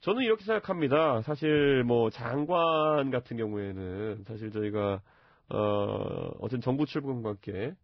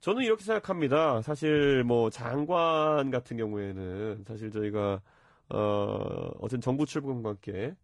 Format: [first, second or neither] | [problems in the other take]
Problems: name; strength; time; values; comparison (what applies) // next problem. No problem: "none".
second | garbled, watery; badly; nothing above 5 kHz; slightly in the second